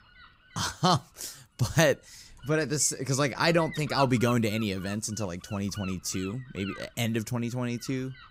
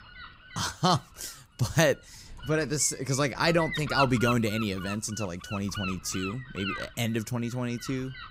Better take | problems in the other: first | wind noise on the microphone; heavy; 5 dB below the speech; occasional gusts in the first

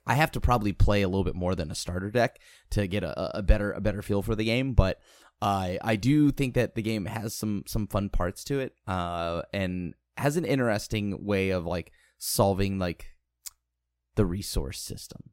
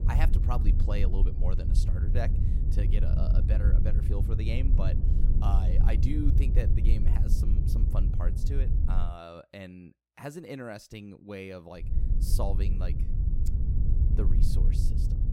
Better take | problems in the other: first | low rumble; loud; until 9 s and from 12 s on; 3 dB below the speech

